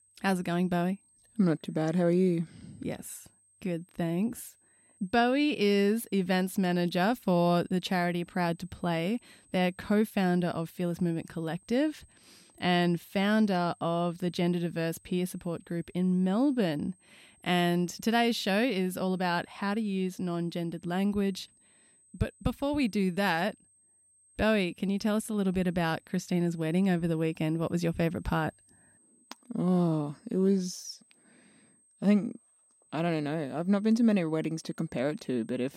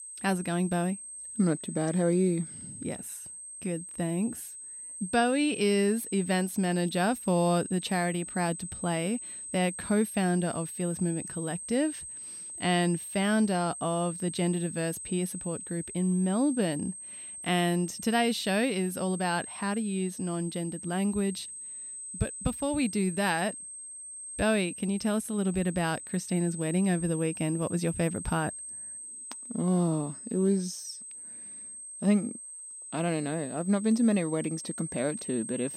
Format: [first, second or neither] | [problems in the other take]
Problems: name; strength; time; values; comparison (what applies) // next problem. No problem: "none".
first | high-pitched whine; loud; throughout; 8 kHz, 9 dB below the speech; faint in the first